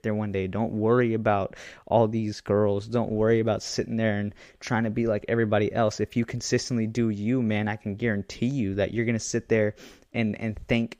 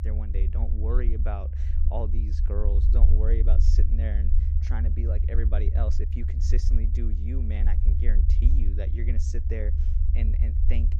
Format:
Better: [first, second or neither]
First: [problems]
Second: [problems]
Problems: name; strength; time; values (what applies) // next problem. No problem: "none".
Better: first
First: none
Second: low rumble; loud; throughout; 4 dB below the speech